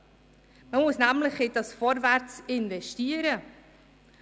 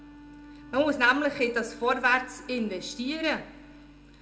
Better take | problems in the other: first | background sound (Wind instrument, woodwind instrument); 20 dB below the speech // room echo; dies away in 0.5 s

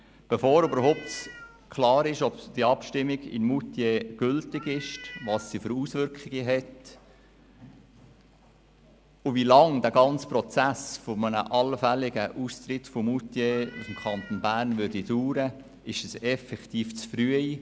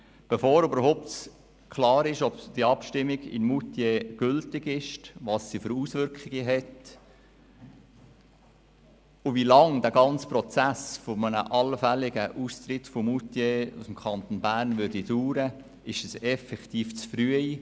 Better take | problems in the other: second | background sound (Meow); 18 dB below the speech

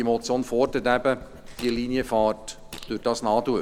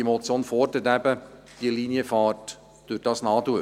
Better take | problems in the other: second | background sound (Fart + Writing); 17 dB below the speech

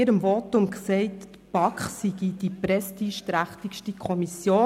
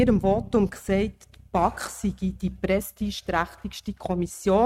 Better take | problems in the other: first | noise reduction (neural mask model RNNoise)

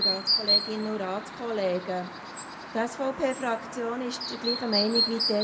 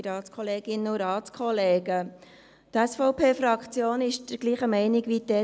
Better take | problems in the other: second | background sound (Chirp, tweet); as loud as the speech // room echo; dies away in 0.8 s

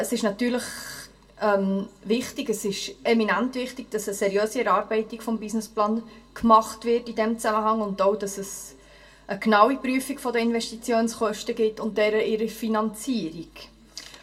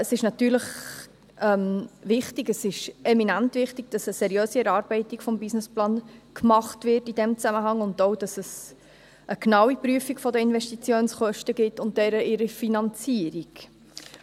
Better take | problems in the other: second | room echo; dies away in 0.2 s

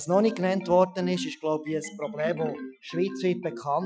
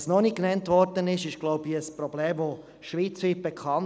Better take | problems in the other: second | noise reduction (classical method Wiener filter)

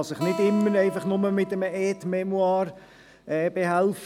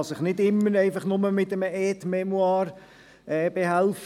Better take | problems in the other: second | background sound (Acoustic guitar); 14 dB below the speech

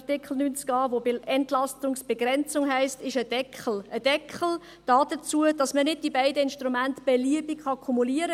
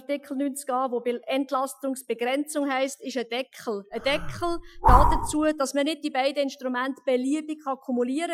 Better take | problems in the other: first | noise reduction (classical method Wiener filter)

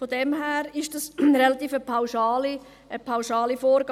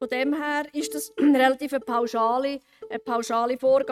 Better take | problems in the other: first | noise reduction (neural mask model RNNoise)

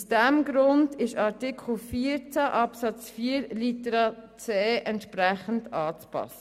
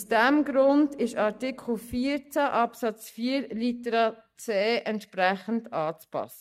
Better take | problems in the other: first | noise reduction (neural mask model DeepFilterNet 3)

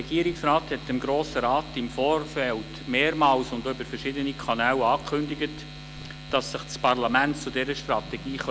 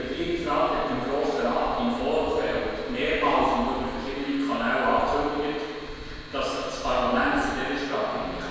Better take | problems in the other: first | background sound (Traffic noise, roadway noise); 14 dB below the speech // room echo; dies away in 1.9 s

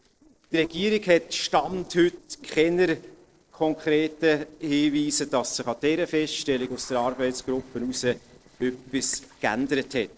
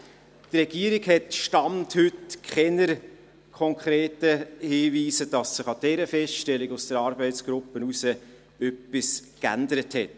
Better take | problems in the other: second | noise reduction (neural separator model SepFormer DNS4)

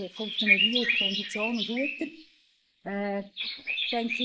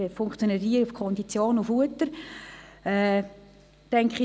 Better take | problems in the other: second | noise reduction (neural mask model Resemble Enhance denoiser)

